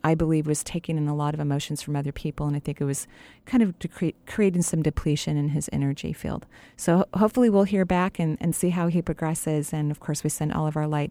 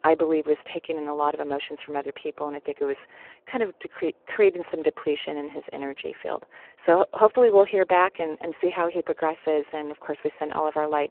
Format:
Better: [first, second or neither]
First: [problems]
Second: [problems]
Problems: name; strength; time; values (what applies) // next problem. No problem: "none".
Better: first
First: none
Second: phone-call audio; poor line